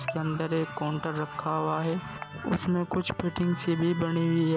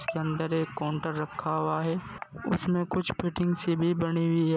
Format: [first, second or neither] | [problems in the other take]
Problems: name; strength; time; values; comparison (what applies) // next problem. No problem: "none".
second | background sound (Musical instrument); 15 dB below the speech